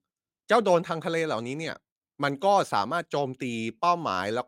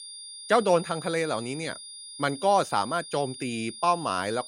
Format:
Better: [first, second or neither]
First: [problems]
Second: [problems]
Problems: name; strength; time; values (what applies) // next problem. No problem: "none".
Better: first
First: none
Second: high-pitched whine; noticeable; throughout; 9.5 kHz, 15 dB below the speech